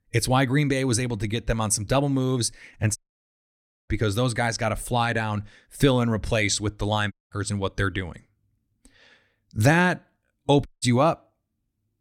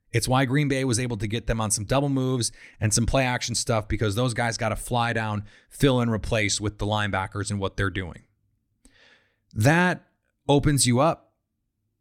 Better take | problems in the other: second | audio cutting out; at 3 s for 1 s, at 7 s and at 11 s

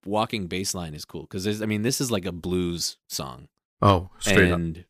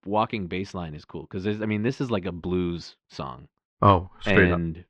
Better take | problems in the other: first | muffled; very; fading above 3 kHz

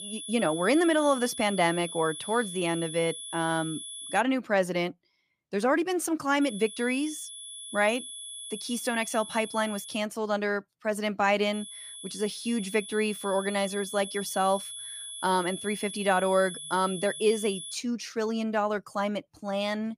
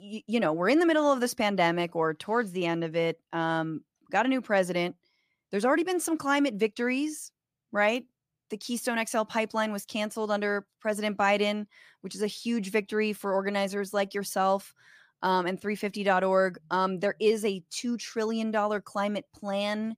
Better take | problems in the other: second | high-pitched whine; loud; until 4 s, from 6.5 to 10 s and from 12 to 18 s; 3.5 kHz, 10 dB below the speech

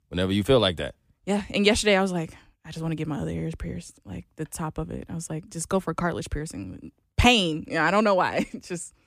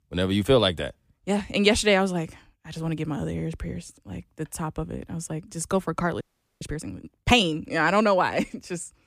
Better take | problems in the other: first | audio freezing; at 6 s

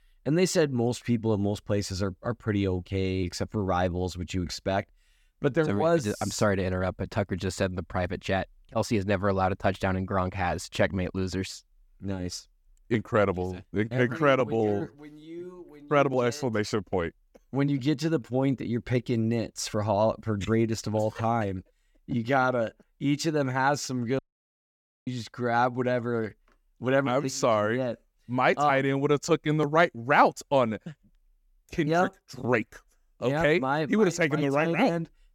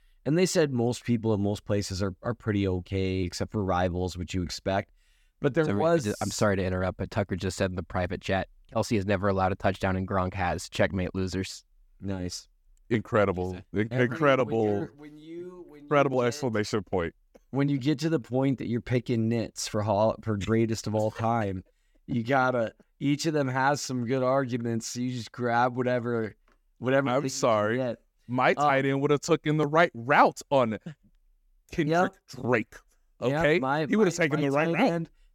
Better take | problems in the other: second | audio cutting out; at 24 s for 1 s

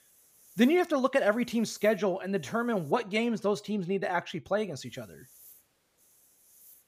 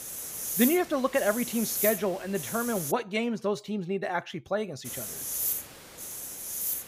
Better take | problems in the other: first | hiss; loud; until 3 s and from 5 s on; 3 dB below the speech; faint in the first

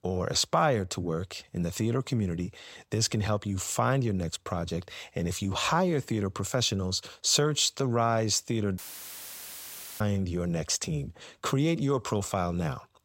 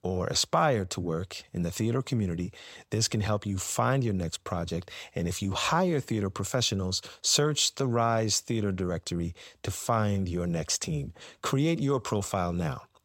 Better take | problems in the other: second | audio cutting out; filled with static; at 9 s for 1 s

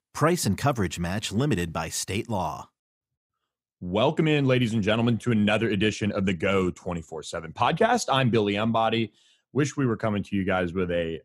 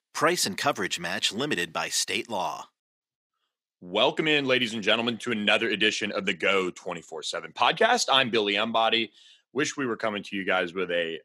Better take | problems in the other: first | thin; somewhat; fading below 300 Hz

